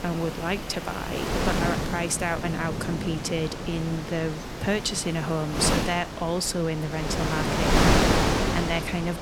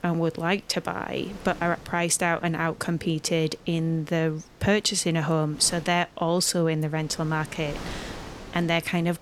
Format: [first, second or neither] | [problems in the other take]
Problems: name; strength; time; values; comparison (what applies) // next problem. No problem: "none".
second | wind noise on the microphone; heavy; 1 dB above the speech; occasional gusts in the second